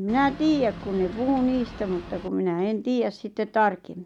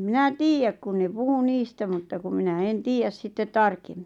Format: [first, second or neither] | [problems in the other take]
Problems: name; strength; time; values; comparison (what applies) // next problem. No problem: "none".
second | background sound (Boat, Water vehicle); 14 dB below the speech